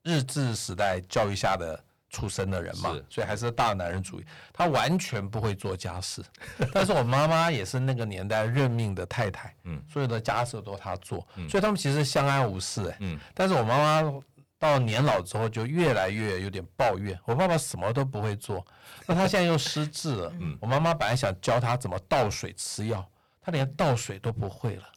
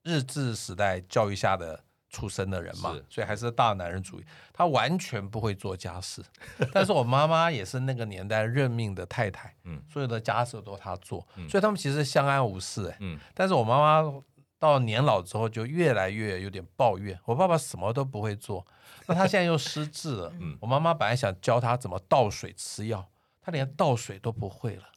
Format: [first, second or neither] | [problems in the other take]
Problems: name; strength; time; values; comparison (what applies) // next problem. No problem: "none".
second | distortion; heavy; 10% of the sound clipped